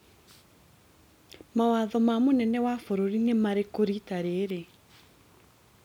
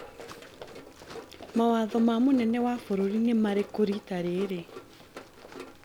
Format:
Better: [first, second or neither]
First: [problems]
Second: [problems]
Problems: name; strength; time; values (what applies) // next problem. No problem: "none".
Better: first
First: none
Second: background sound (Run); 17 dB below the speech